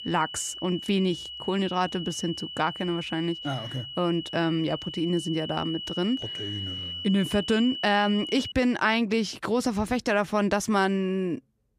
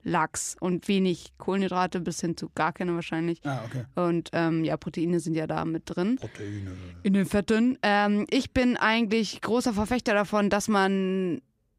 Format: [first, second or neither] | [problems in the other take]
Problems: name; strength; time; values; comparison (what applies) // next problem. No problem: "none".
second | high-pitched whine; loud; until 8.5 s; 3 kHz, 8 dB below the speech